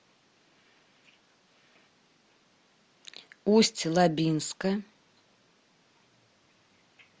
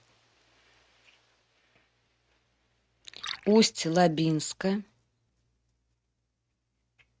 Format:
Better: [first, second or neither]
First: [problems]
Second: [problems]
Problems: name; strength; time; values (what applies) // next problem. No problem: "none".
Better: first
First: none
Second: noise reduction (neural mask model RNNoise)